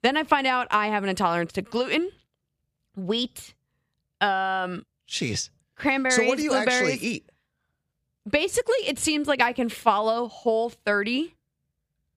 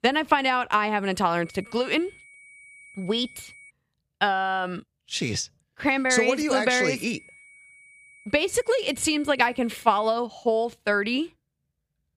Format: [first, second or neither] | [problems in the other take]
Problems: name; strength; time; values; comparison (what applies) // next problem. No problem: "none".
first | high-pitched whine; faint; from 1.5 to 3.5 s and from 6 to 10 s; 2.5 kHz, 25 dB below the speech